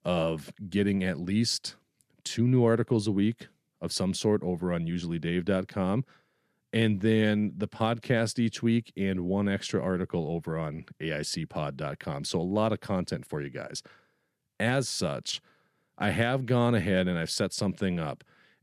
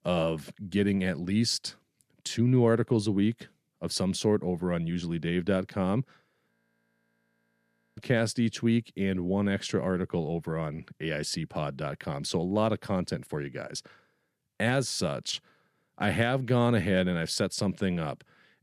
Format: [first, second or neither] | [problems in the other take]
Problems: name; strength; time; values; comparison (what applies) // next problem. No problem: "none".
first | audio freezing; at 6.5 s for 1.5 s